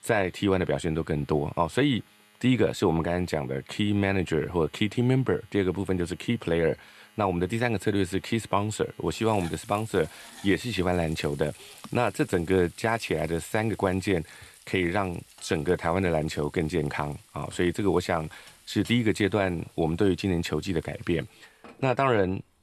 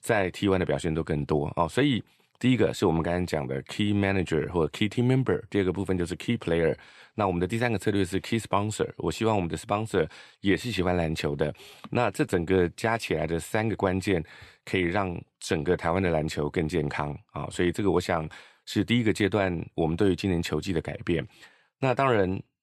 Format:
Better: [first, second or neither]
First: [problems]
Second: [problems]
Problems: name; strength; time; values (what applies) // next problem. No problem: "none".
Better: second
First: household noises; faint; throughout; 25 dB below the speech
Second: none